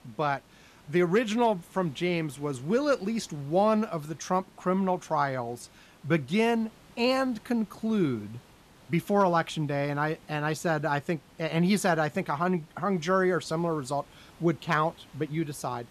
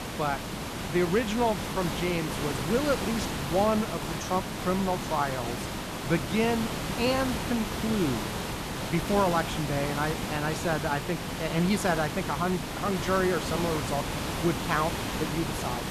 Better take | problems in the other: first | hiss; loud; throughout; 3 dB below the speech; faint in the first

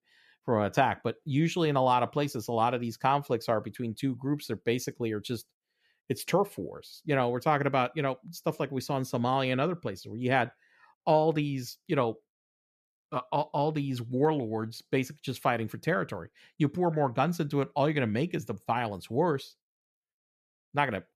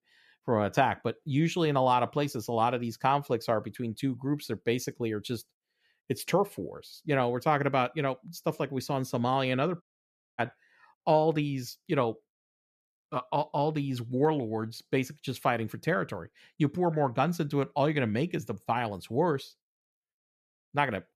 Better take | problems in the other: first | audio cutting out; at 10 s for 0.5 s

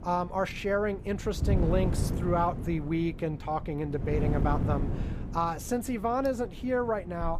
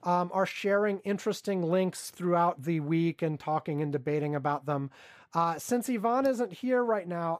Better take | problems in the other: second | wind noise on the microphone; occasional gusts; 10 dB below the speech

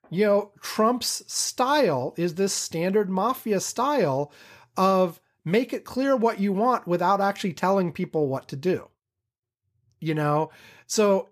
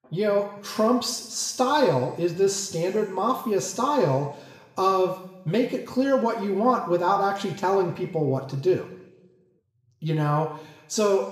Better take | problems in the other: first | room echo; noticeable; dies away in 0.8 s // off-mic speech; far

